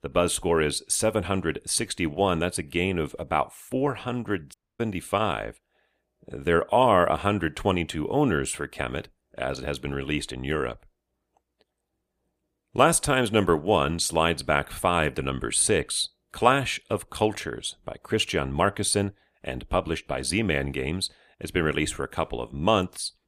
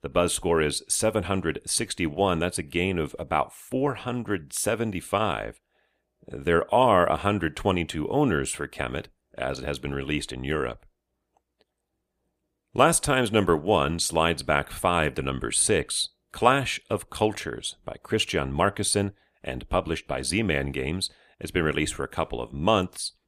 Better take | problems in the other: second | audio cutting out; at 4.5 s

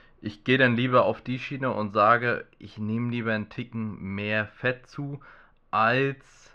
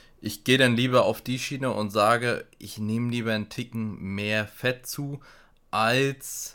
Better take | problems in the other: second | muffled; very; fading above 3 kHz

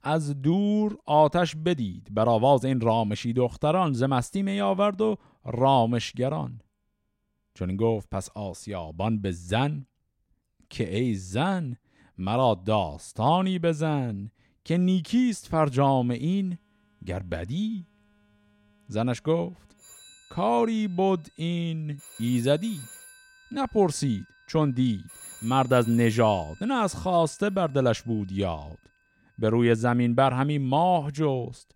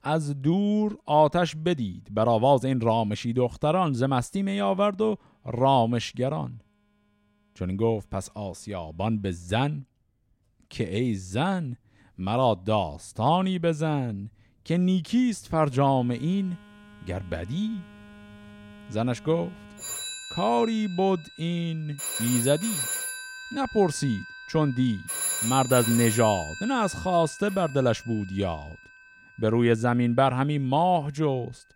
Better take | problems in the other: first | alarms or sirens; loud; throughout; 7 dB below the speech; faint in the first

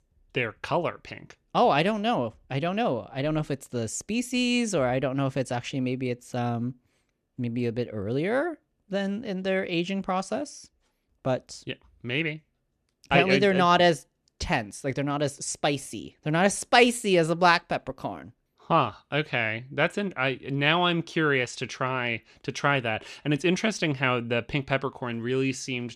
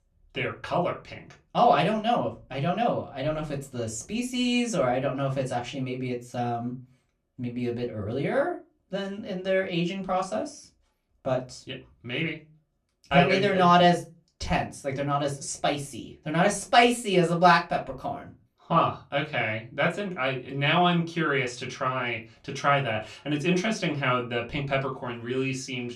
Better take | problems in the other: first | off-mic speech; far // room echo; very slight; dies away in 0.2 s

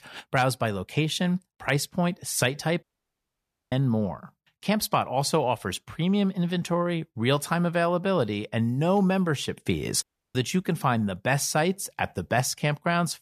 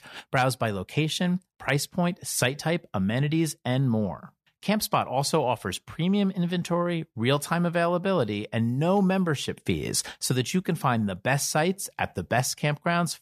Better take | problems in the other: second | audio cutting out; at 3 s for 1 s and at 10 s

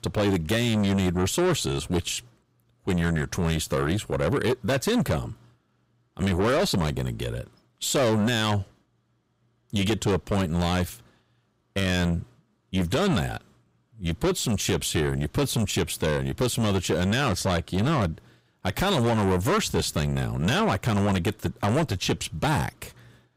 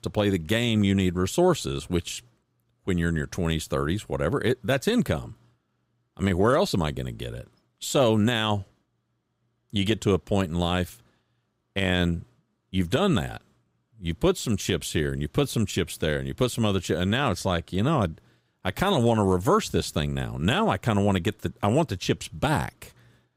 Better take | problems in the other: second | distortion; heavy; 7 dB below the speech

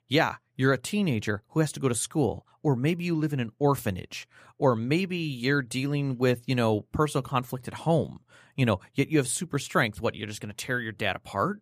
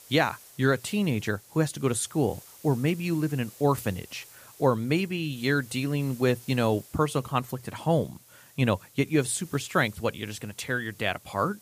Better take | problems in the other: first | hiss; faint; throughout; 20 dB below the speech

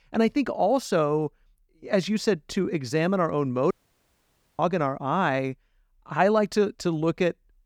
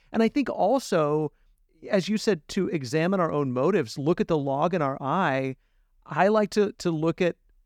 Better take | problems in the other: second | audio cutting out; at 3.5 s for 1 s

